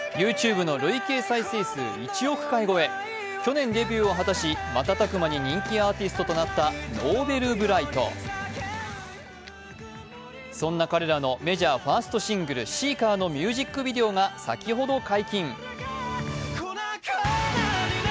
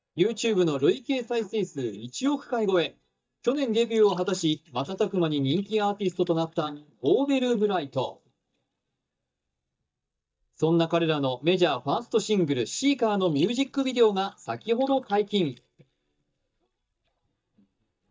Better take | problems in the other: first | noise reduction (neural mask model DeepFilterNet 3)

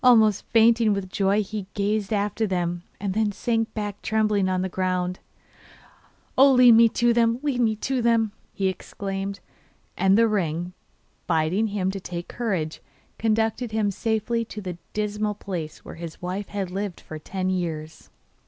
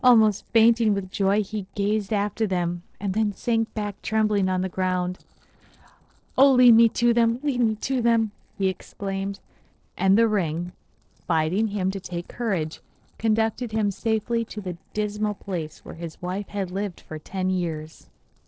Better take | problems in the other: first | noise reduction (neural separator model SepFormer DNS4)

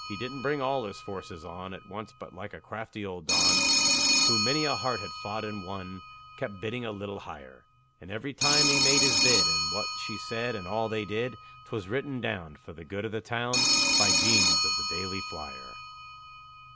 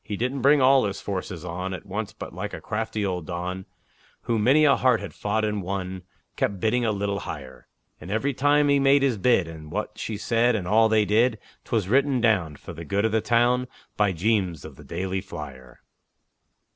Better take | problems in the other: second | background sound (Telephone); 5 dB above the speech

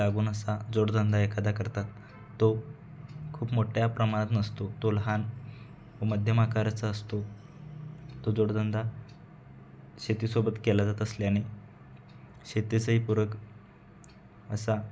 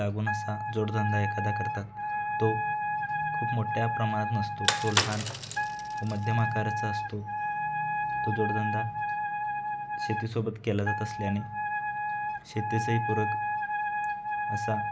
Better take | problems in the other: first | background sound (Bicycle + Wind instrument, woodwind instrument); 1 dB above the speech

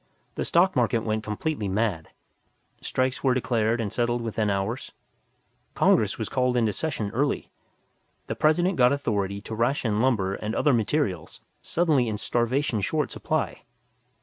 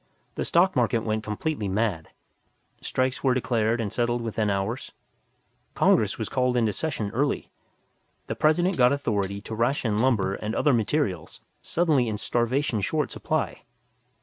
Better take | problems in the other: first | background sound (Hi-hat); 16 dB below the speech

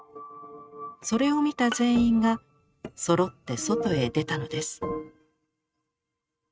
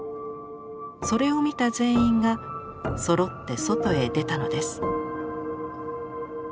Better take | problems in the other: second | noise reduction (neural mask model RNNoise)

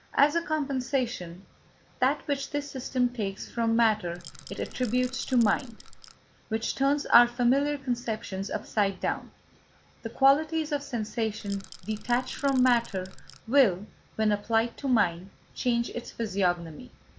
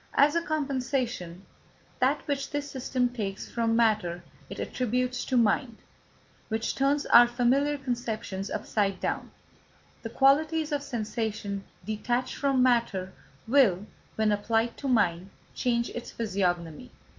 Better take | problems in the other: second | background sound (Rattle / Rattle (instrument)); 16 dB below the speech

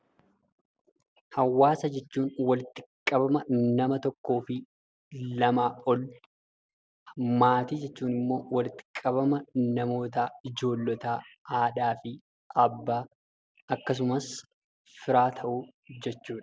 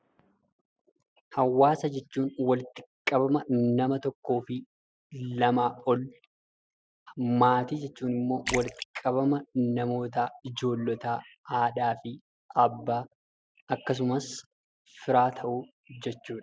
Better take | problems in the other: first | noise reduction (classical method Wiener filter)

